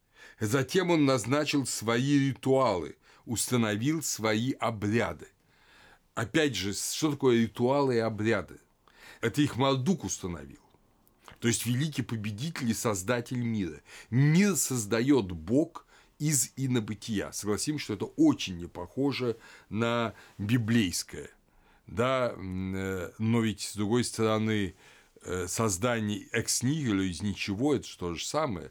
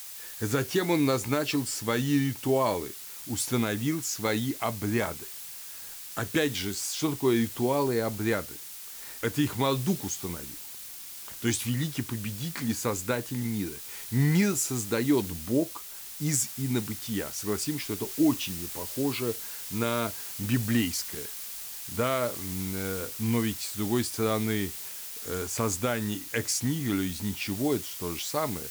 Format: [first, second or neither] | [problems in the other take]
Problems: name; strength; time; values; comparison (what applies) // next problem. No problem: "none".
first | hiss; loud; throughout; 7 dB below the speech